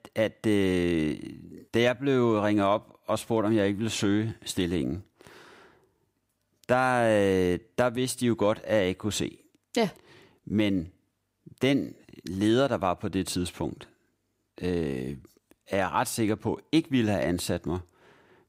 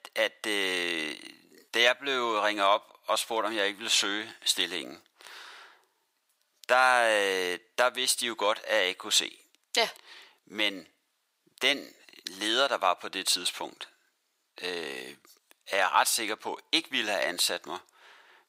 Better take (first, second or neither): first